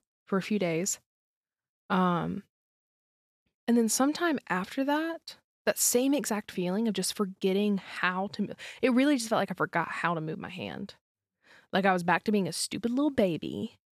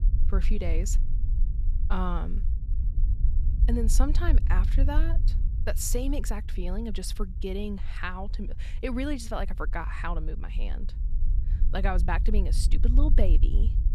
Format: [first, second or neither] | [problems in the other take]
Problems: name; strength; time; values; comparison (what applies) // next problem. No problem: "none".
first | low rumble; noticeable; throughout; 15 dB below the speech